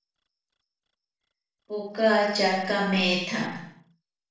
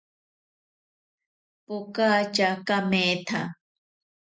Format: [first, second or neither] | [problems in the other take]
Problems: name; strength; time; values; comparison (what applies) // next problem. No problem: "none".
second | noise reduction (neural separator model SepFormer DNS4)